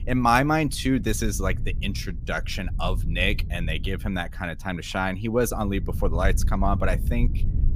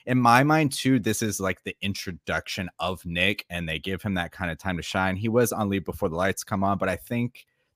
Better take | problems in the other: second | low rumble; noticeable; throughout; 20 dB below the speech

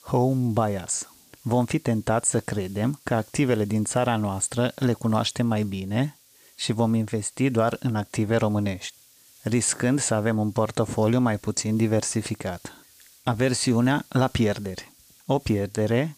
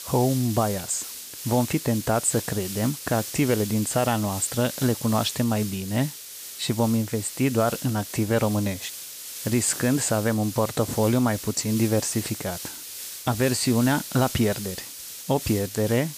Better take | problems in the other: first | hiss; loud; throughout; 9 dB below the speech; faint in the first

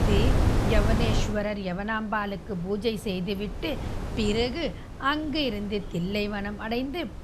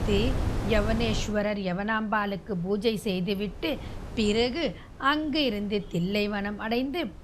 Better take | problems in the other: second | wind noise on the microphone; heavy; 6 dB below the speech; occasional gusts in the second

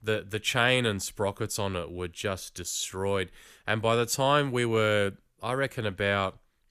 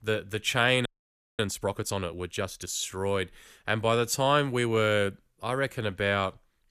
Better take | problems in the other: first | audio freezing; at 1 s for 0.5 s

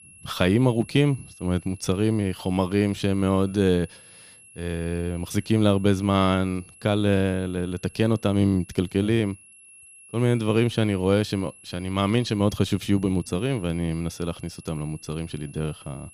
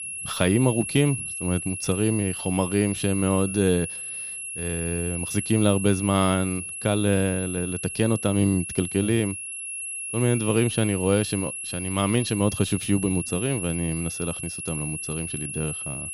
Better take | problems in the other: first | high-pitched whine; loud; throughout; 11 kHz, 6 dB below the speech; faint in the first

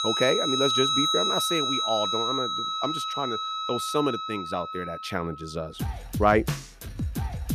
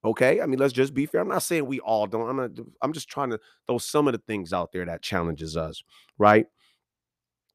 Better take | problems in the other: second | background music; very loud; throughout; 2 dB above the speech

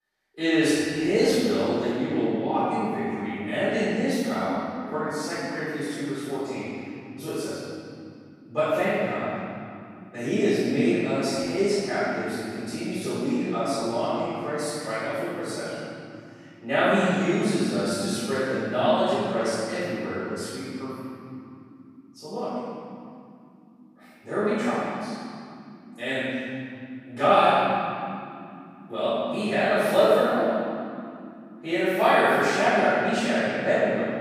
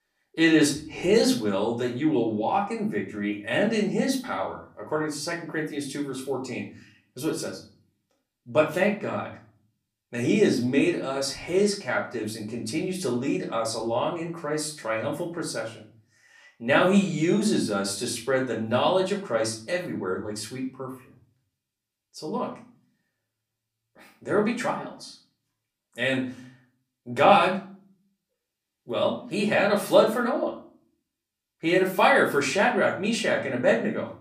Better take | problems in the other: second | room echo; strong; dies away in 2.5 s; slight in the second // off-mic speech; far; far in the second

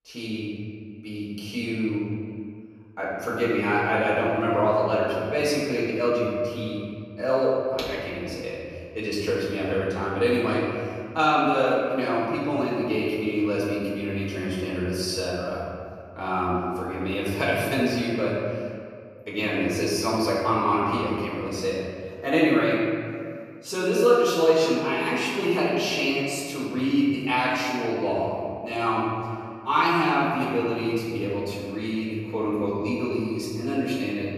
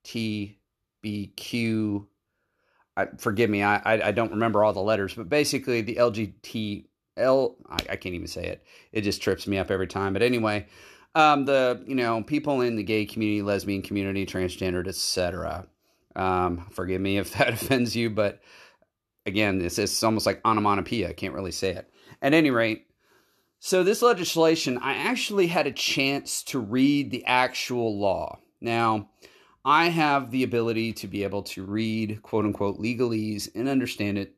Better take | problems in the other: second | room echo; strong; dies away in 2 s // off-mic speech; far

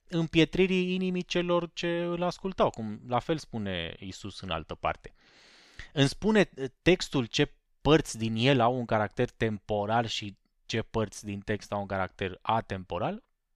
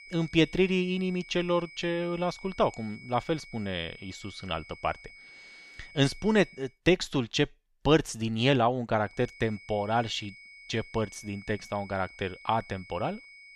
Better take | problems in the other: first | high-pitched whine; noticeable; until 6.5 s and from 9 s on; 2 kHz, 20 dB below the speech

